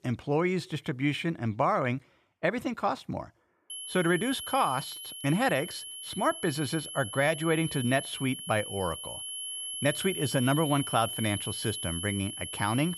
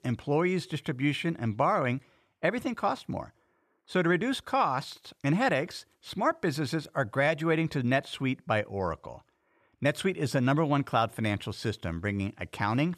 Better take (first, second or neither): second